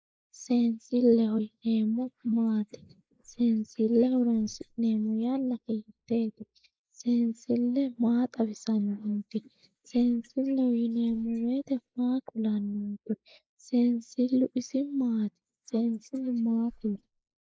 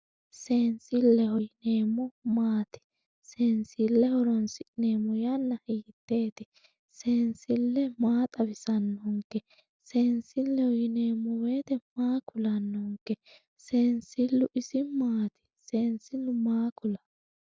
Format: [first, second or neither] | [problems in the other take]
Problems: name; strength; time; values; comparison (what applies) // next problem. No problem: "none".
second | noise reduction (neural mask model Resemble Enhance denoiser)